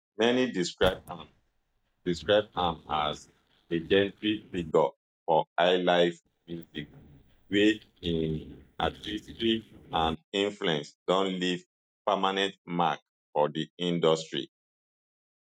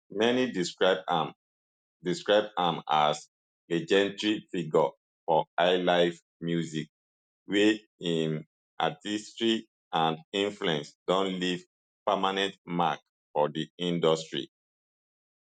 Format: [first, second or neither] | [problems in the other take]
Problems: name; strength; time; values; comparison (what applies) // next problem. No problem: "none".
second | noise reduction (neural mask model DeepFilterNet 3)